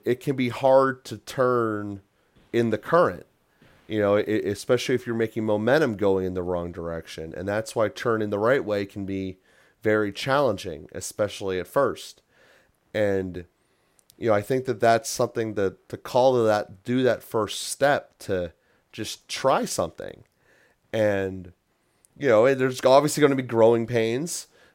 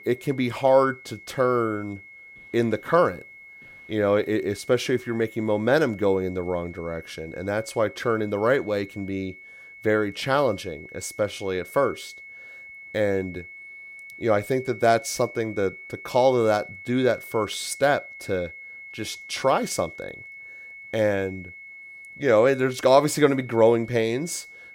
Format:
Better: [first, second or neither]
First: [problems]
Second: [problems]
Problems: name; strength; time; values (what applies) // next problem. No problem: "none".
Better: first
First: none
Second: high-pitched whine; noticeable; throughout; 2 kHz, 15 dB below the speech